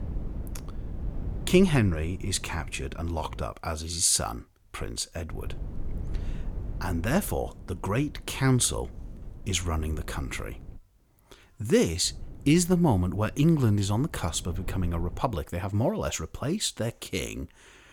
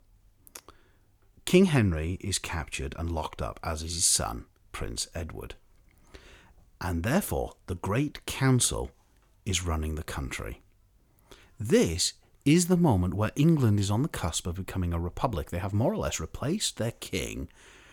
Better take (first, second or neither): second